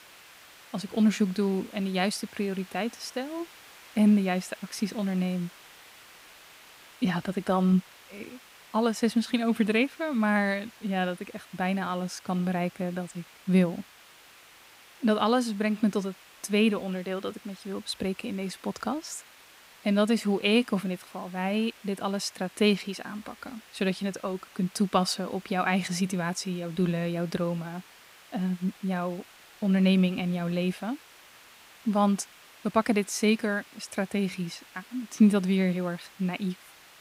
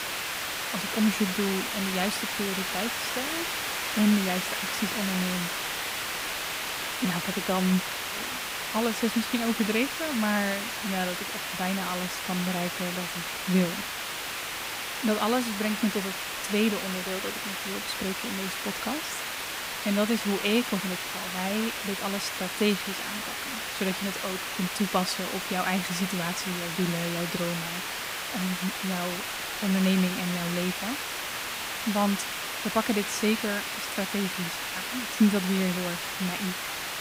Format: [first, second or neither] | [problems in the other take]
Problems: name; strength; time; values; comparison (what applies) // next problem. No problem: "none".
first | hiss; loud; throughout; 1 dB below the speech; faint in the first